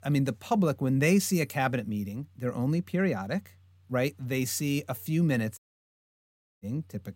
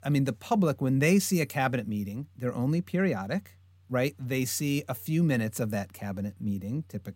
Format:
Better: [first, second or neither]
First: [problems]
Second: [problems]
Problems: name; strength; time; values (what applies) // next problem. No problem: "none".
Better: second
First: audio cutting out; at 5.5 s for 1 s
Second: none